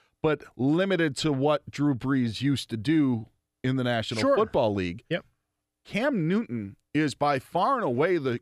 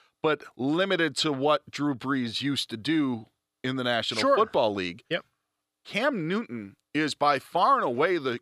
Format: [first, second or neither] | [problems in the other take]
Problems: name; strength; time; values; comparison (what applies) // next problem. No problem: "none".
first | thin; very slightly; fading below 350 Hz